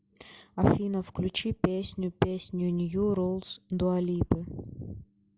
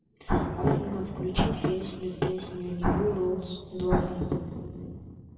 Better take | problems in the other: first | background sound (Explosion); as loud as the speech // room echo; dies away in 2.2 s

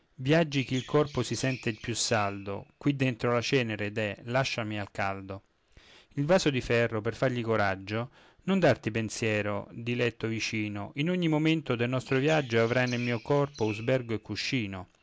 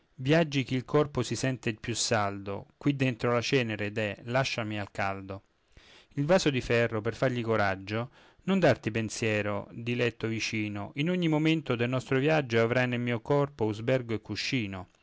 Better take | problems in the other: second | background sound (Chirp, tweet); 17 dB below the speech

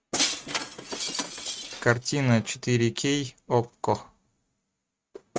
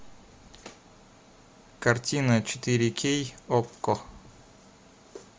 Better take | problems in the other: second | noise reduction (neural mask model RNNoise)

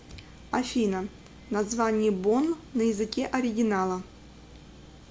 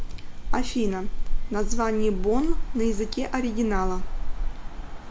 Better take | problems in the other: first | background sound (Motor vehicle (road)); 4 dB above the speech

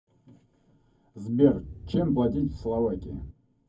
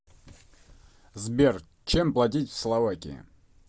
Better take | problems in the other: second | background sound (Wind); 13 dB below the speech // room echo; dies away in 0.3 s

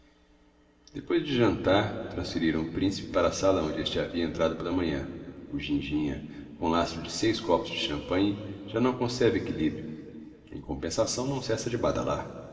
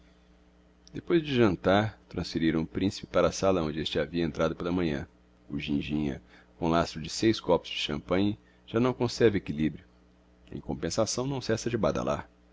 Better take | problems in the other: second | room echo; dies away in 2.4 s

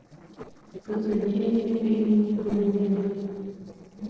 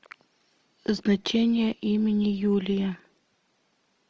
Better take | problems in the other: second | noise reduction (neural separator model SepFormer DNS4)

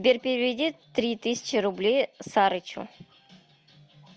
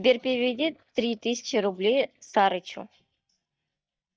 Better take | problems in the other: first | noise reduction (neural mask model DeepFilterNet 3)

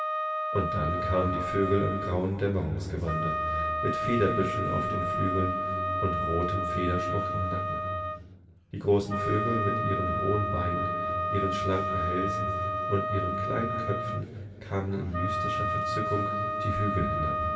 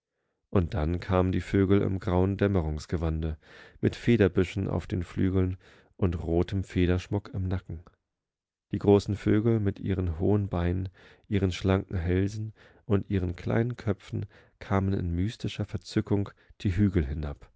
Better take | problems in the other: second | background sound (Wind instrument, woodwind instrument); 1 dB below the speech // room echo; dies away in 2.6 s

